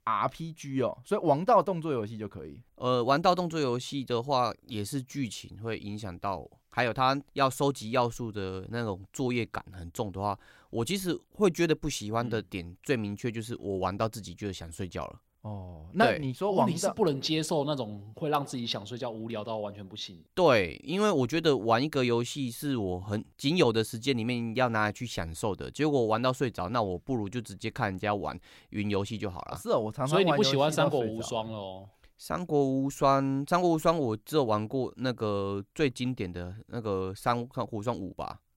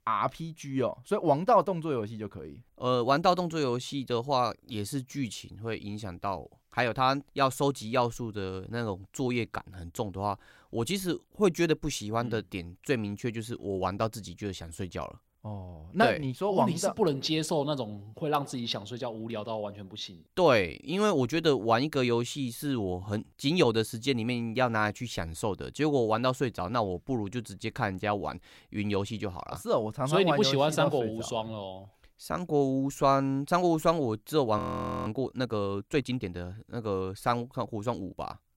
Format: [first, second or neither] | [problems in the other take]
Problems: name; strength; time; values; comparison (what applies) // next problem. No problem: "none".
first | audio freezing; at 35 s